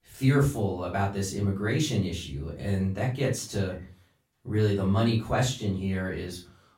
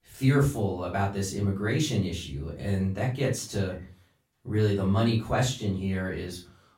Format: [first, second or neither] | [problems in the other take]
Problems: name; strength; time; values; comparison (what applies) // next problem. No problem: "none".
neither | off-mic speech; far; the same in both // room echo; slight; dies away in 0.3 s; the same in both